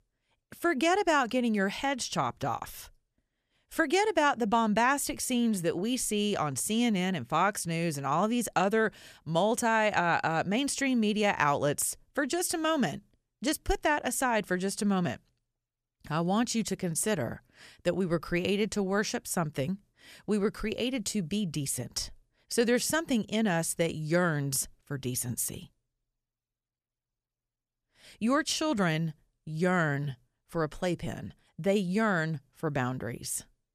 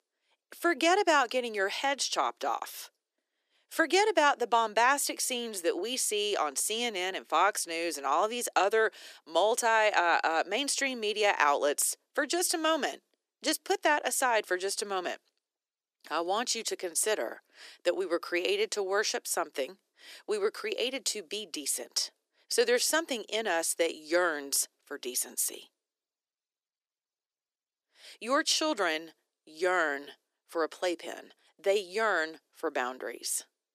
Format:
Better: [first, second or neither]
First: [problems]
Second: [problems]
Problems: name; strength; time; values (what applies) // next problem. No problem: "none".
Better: first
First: none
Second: thin; very; fading below 300 Hz